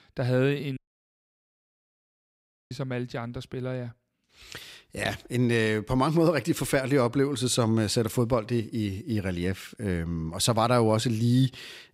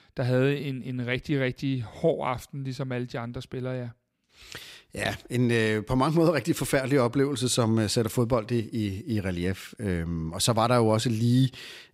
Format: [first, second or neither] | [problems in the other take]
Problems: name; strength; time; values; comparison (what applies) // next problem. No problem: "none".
second | audio cutting out; at 1 s for 2 s